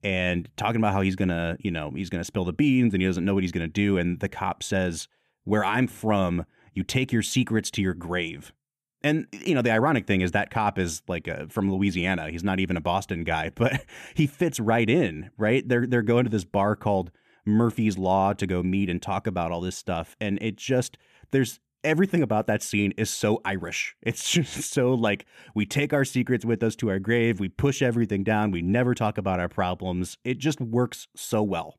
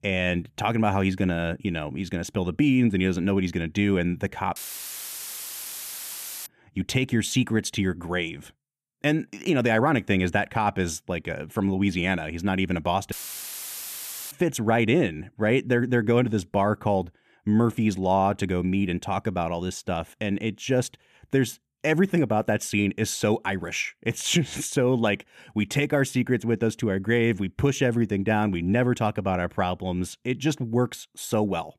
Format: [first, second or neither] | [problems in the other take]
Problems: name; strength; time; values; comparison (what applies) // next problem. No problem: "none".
first | audio cutting out; filled with static; at 4.5 s for 2 s and at 13 s for 1 s